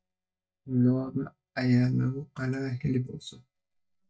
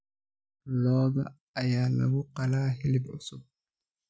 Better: second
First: noise reduction (neural mask model DeepFilterNet 3)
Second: none

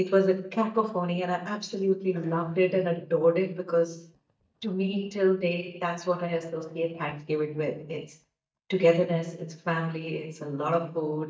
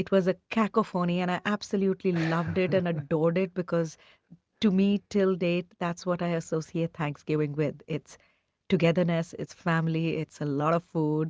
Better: second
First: noise reduction (neural mask model DeepFilterNet 3)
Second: none

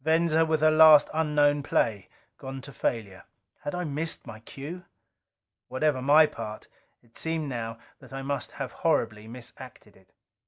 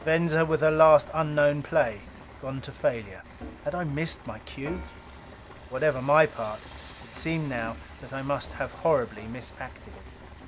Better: first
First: none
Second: background sound (Frying (food) / Dishes, pots, and pans); 16 dB below the speech

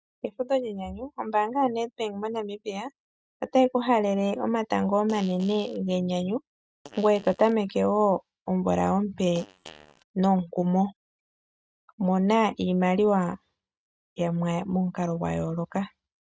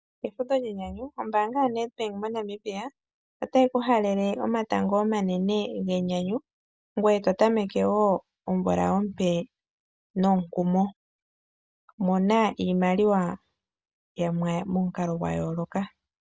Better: second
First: noise reduction (neural mask model RNNoise)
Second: none

